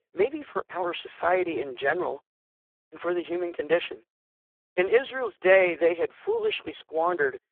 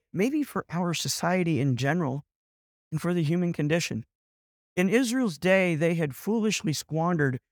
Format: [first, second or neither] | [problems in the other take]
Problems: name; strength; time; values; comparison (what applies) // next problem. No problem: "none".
second | phone-call audio; poor line